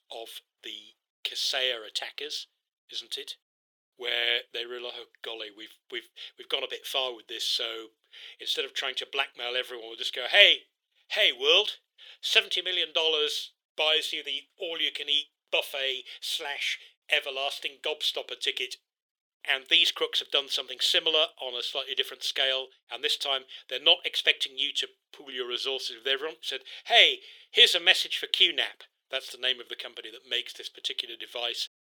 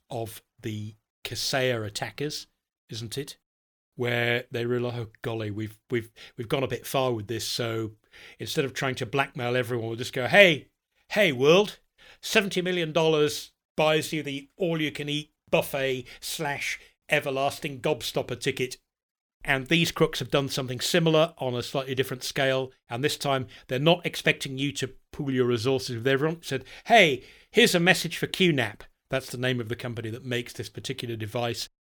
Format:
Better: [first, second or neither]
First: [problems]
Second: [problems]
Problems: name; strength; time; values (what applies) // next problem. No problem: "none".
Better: second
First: thin; very; fading below 450 Hz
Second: none